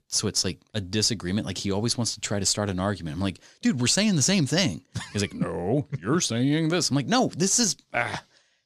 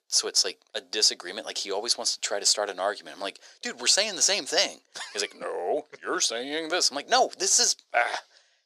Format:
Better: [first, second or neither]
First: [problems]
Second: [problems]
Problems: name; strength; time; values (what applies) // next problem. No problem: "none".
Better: first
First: none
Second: thin; very; fading below 450 Hz